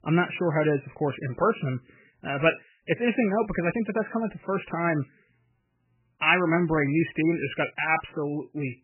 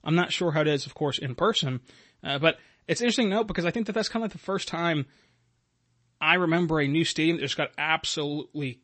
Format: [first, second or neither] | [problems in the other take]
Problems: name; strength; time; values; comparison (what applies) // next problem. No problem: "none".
second | garbled, watery; badly; nothing above 3 kHz; slightly in the second